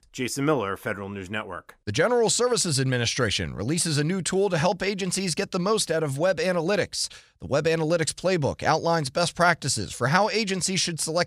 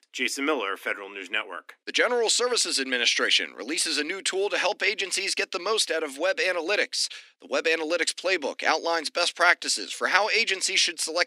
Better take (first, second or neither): first